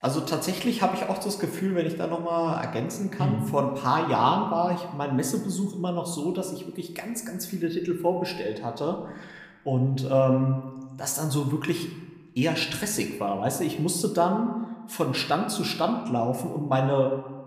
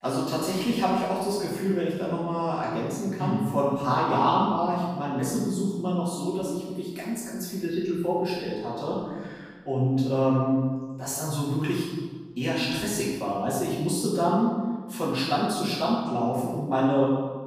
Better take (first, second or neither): first